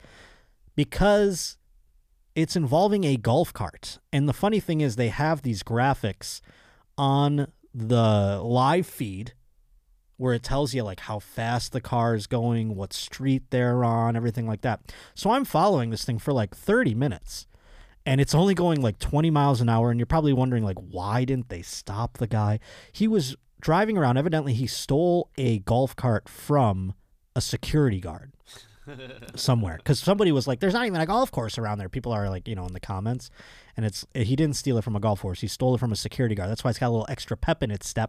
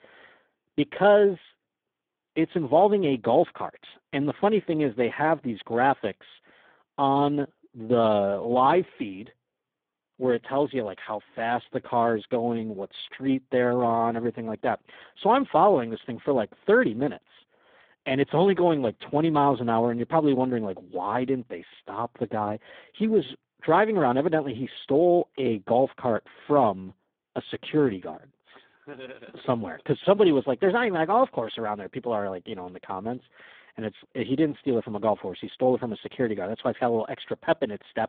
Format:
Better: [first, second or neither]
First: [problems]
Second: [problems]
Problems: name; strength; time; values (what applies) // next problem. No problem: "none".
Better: first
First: none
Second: phone-call audio; poor line